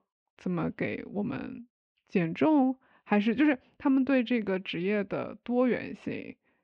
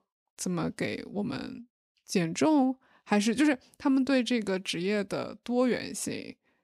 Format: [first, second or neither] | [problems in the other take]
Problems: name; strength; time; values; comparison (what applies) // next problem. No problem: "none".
second | muffled; very; fading above 2.5 kHz